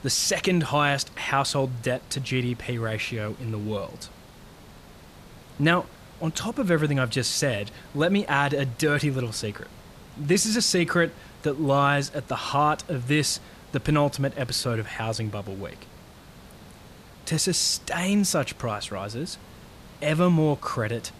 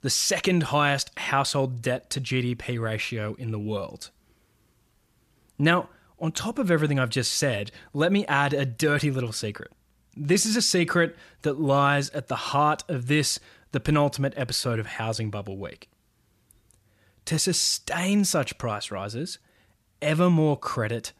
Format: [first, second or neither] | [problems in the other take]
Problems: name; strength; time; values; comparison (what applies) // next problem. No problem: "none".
second | hiss; faint; throughout; 20 dB below the speech